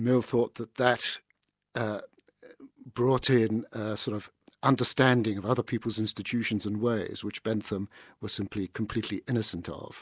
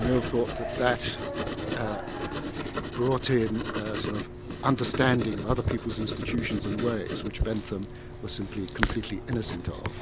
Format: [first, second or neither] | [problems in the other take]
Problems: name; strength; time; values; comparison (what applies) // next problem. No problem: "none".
first | background sound (Writing); 3 dB below the speech